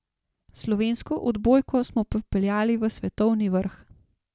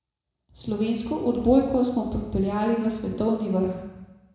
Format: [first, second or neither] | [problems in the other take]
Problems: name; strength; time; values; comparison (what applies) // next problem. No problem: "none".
first | room echo; dies away in 1 s